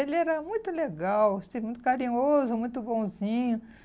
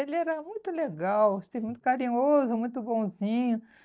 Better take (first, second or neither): first